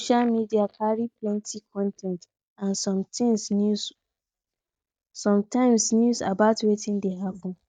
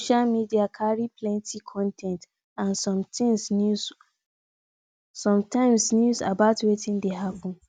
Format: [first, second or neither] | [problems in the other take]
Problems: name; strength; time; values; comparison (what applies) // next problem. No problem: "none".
second | noise reduction (neural mask model DeepFilterNet 3)